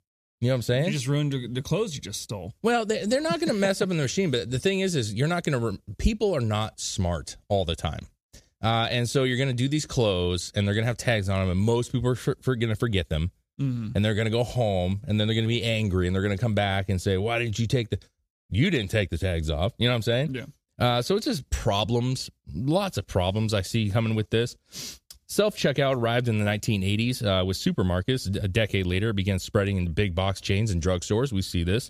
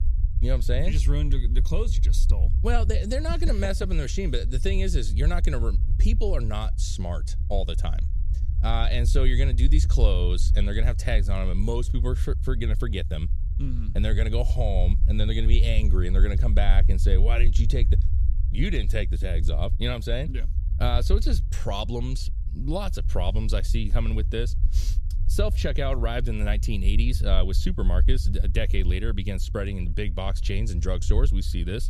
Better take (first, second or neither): first